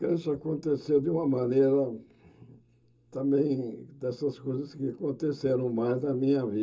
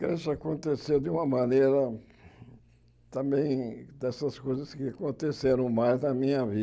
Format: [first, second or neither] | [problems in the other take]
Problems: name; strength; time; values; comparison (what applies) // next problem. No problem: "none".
second | room echo; dies away in 0.2 s